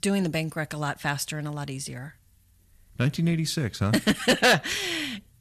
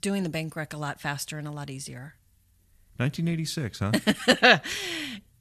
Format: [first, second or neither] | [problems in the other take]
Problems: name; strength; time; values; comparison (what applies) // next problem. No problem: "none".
second | distortion; heavy; 1.6% of the sound clipped